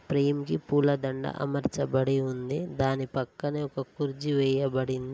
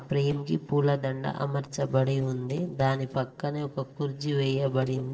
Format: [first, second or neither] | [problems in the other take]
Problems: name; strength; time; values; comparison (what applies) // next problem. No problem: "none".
first | noise reduction (neural separator model SepFormer DNS4)